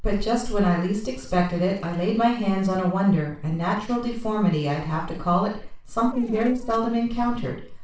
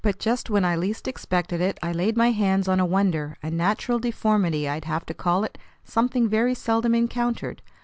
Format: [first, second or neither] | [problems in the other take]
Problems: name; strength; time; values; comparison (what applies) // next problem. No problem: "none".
second | noise reduction (neural separator model SepFormer DNS4)